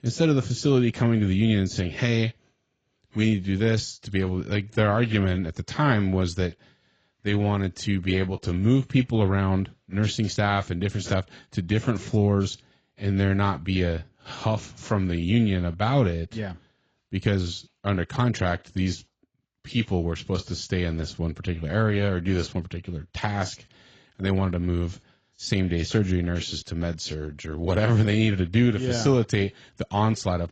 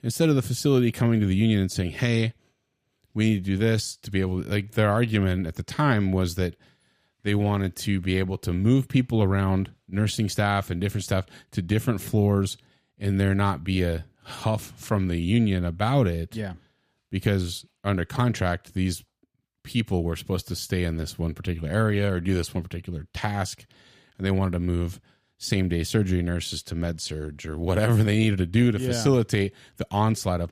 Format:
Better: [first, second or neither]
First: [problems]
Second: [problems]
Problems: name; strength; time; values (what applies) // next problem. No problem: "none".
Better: second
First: garbled, watery; badly; nothing above 7.5 kHz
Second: none